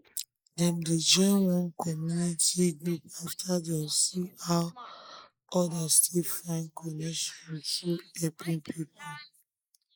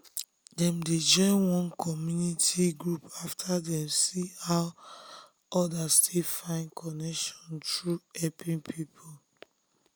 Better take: second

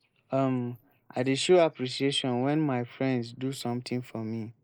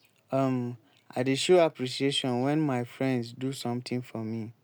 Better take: second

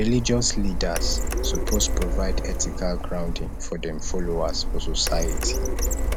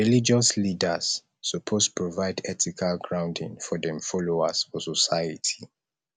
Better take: second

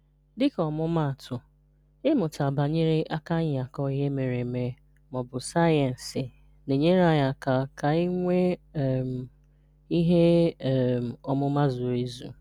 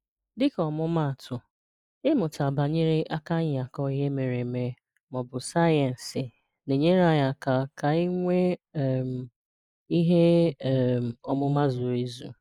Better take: first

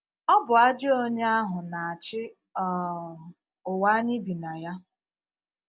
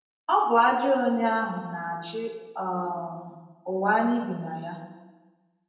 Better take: first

